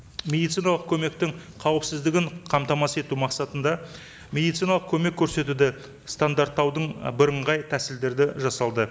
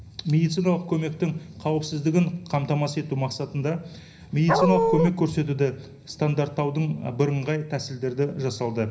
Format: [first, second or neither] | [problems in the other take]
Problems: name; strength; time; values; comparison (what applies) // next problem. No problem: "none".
first | background sound (Dog); 3 dB above the speech // room echo; dies away in 0.5 s